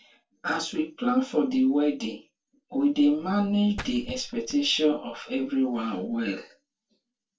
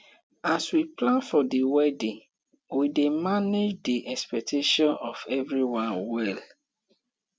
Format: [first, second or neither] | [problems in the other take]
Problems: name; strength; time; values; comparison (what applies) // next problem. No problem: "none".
second | noise reduction (neural separator model SepFormer DNS4)